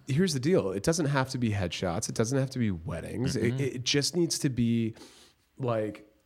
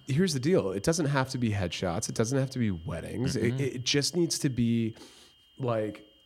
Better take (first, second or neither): first